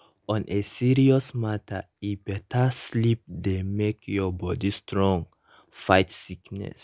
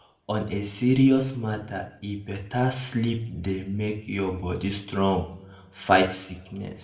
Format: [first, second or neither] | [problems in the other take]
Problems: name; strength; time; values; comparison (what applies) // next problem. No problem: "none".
first | room echo; dies away in 0.6 s